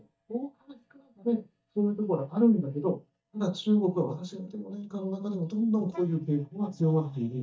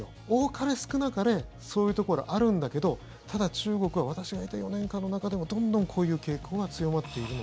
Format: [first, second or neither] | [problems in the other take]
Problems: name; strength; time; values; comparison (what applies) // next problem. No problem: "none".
second | noise reduction (neural mask model DeepFilterNet 3)